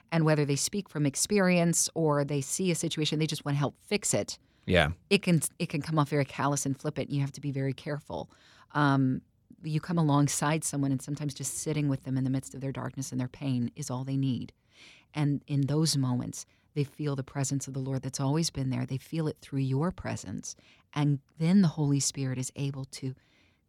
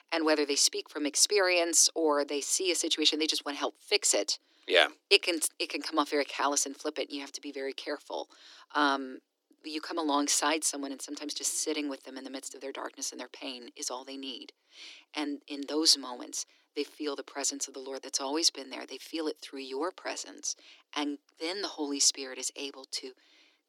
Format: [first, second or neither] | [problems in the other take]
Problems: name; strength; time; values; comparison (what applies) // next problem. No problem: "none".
first | thin; somewhat; fading below 300 Hz